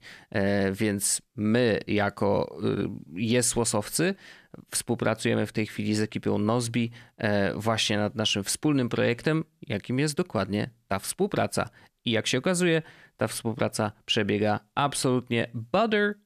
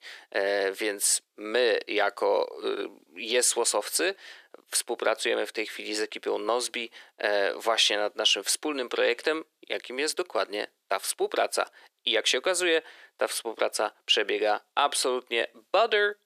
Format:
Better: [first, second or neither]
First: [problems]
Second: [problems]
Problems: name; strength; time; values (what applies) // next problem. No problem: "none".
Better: first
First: none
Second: thin; very; fading below 400 Hz